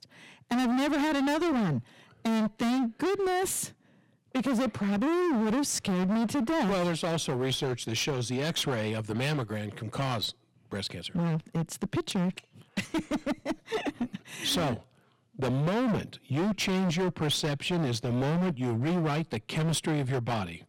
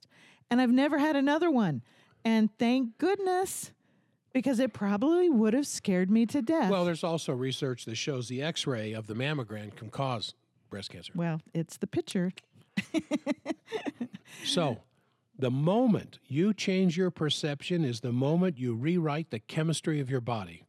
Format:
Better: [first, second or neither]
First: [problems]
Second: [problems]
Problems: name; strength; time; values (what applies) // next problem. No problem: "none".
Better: second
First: distortion; heavy; 27% of the sound clipped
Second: none